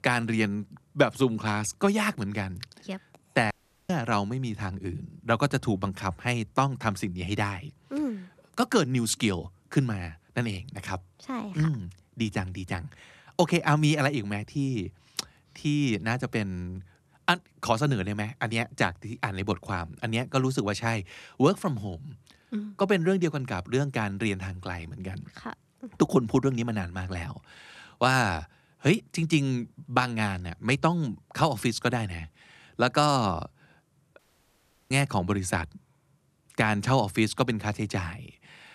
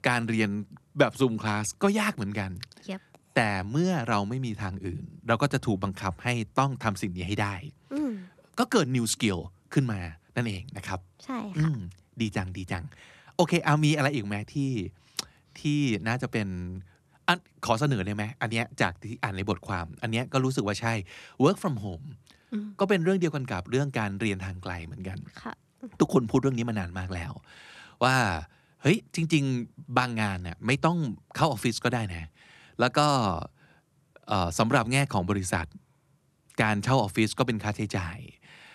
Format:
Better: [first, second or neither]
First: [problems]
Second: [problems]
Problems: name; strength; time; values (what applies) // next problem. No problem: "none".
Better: second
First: audio cutting out; at 3.5 s and at 34 s for 0.5 s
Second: none